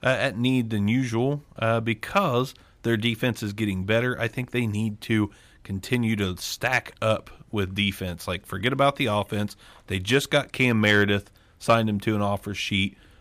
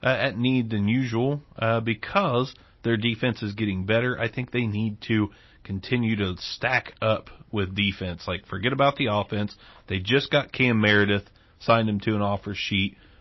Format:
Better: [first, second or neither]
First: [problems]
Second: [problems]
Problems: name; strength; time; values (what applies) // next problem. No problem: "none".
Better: first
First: none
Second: garbled, watery; slightly; nothing above 5.5 kHz